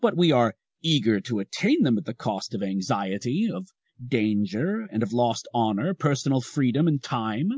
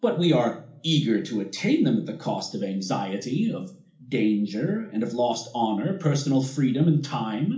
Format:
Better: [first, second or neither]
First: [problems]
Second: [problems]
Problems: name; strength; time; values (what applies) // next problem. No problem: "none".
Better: first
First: none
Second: room echo; dies away in 0.4 s